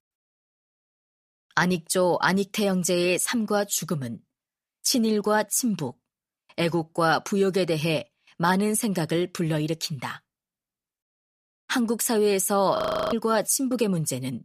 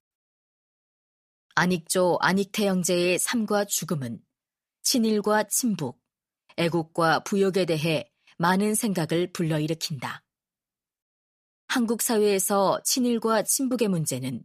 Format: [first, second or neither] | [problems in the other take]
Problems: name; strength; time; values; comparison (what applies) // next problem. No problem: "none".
second | audio freezing; at 13 s